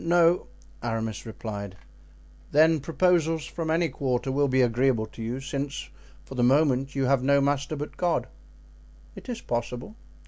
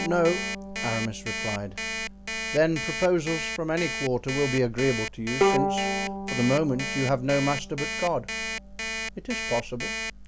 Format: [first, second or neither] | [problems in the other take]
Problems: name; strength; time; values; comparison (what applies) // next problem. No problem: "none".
first | background sound (Bowed string instrument + Alarm); 3 dB below the speech